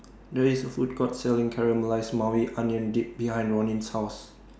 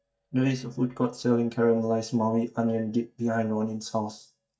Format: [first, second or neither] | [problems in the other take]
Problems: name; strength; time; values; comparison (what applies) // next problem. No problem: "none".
first | noise reduction (neural mask model DeepFilterNet 3)